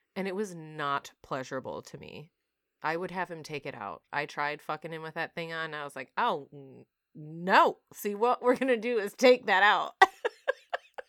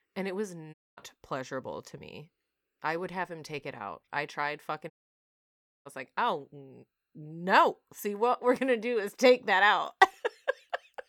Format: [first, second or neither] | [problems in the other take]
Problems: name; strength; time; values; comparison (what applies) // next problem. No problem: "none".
first | audio cutting out; at 0.5 s and at 5 s for 1 s